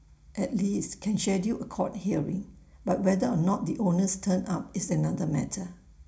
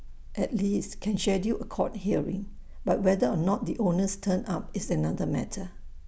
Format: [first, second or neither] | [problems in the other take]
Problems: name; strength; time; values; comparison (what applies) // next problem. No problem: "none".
second | room echo; dies away in 0.4 s